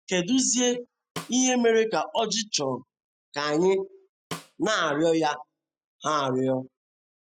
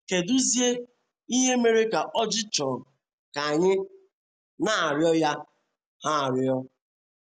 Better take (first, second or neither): second